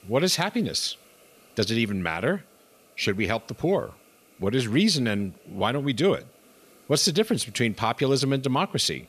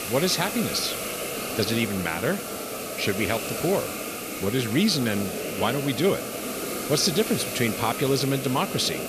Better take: first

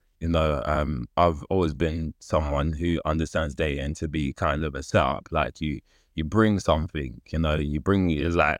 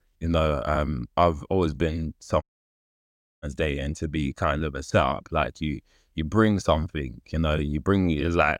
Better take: first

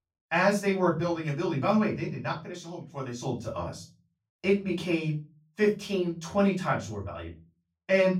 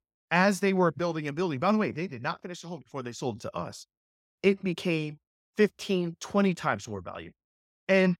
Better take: second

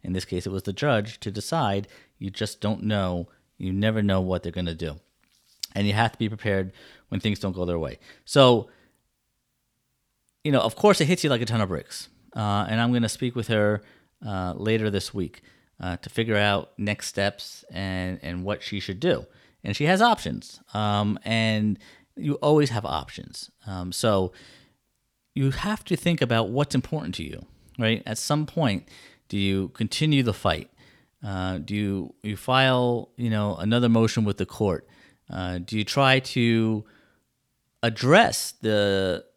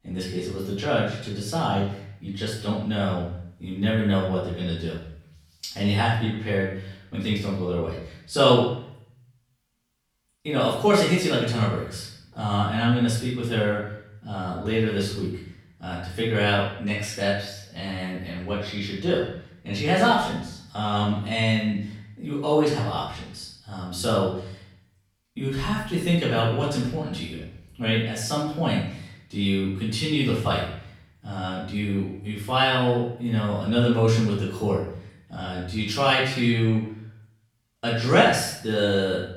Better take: first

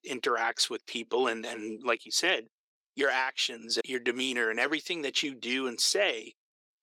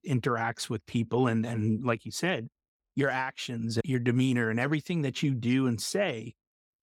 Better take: second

